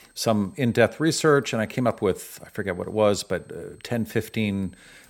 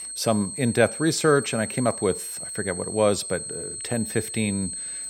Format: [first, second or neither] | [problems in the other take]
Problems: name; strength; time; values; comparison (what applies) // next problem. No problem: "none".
first | high-pitched whine; loud; throughout; 8.5 kHz, 7 dB below the speech; faint in the first